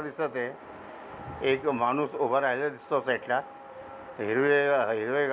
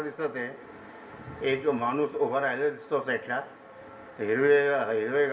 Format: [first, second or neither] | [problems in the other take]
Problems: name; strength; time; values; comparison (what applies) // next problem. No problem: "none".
first | room echo; dies away in 1.6 s